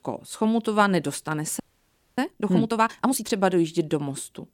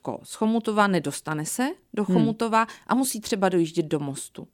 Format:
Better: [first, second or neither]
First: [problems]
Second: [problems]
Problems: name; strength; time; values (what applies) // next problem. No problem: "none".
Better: second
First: audio freezing; at 1.5 s for 0.5 s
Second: none